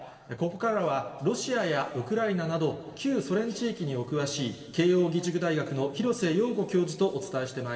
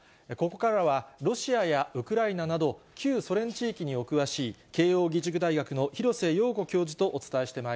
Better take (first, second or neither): second